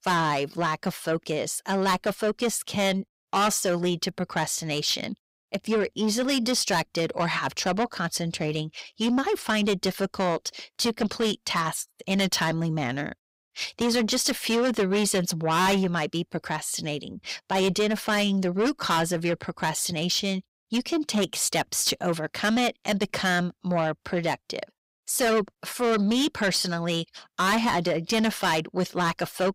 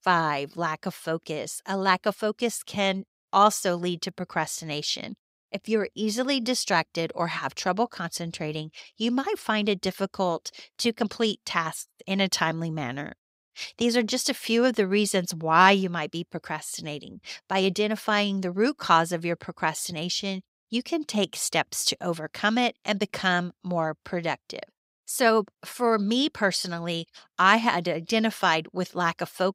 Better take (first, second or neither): second